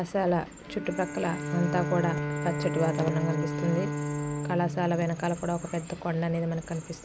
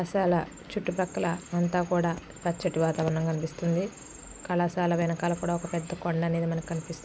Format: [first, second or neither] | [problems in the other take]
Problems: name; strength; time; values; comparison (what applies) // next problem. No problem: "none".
second | background sound (Bowed string instrument); 4 dB below the speech